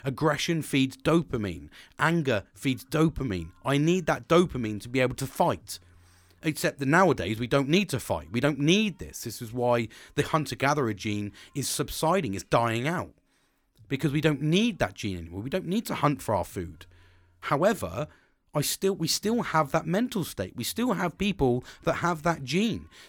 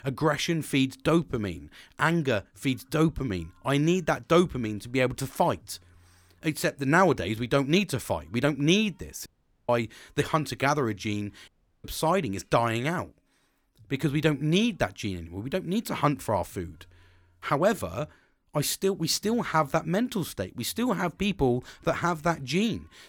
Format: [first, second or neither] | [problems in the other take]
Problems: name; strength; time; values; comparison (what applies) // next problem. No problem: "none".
first | audio cutting out; at 9.5 s and at 11 s